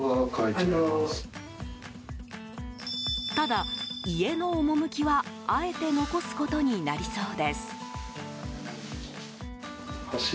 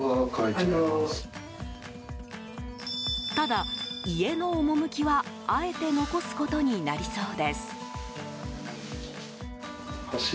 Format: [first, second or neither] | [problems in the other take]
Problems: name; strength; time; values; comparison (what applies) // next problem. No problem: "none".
first | background sound (Wind chime); 20 dB below the speech